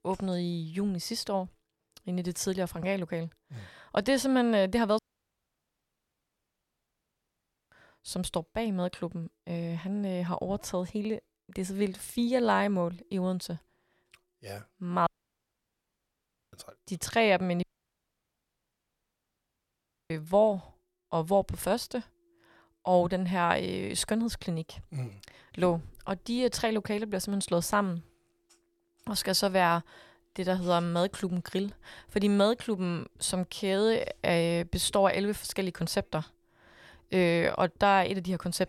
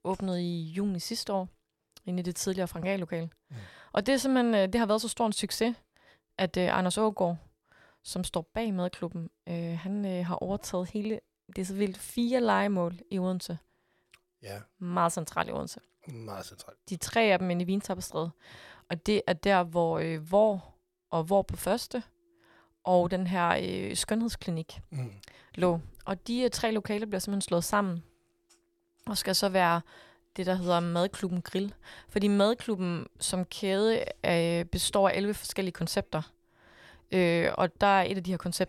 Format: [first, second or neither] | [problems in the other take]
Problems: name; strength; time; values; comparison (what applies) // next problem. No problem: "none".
second | audio cutting out; at 5 s for 2.5 s, at 15 s for 1.5 s and at 18 s for 2.5 s